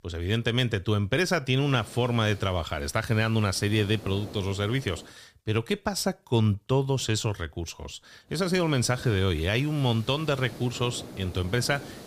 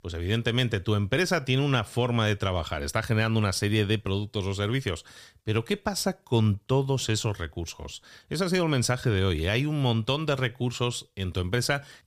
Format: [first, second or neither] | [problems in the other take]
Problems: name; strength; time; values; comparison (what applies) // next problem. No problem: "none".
second | hiss; noticeable; from 1.5 to 5 s and from 8.5 s on; 20 dB below the speech